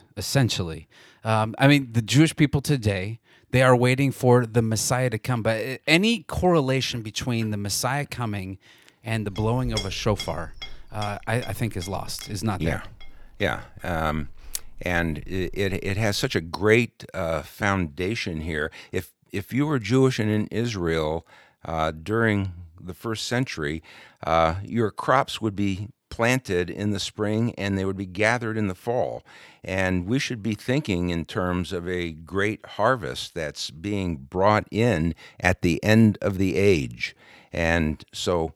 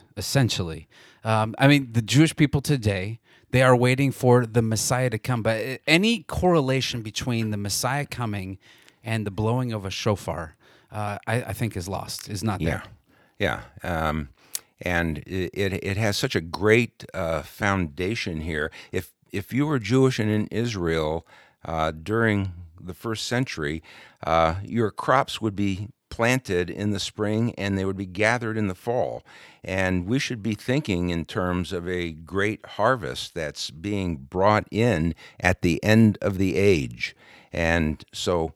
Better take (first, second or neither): second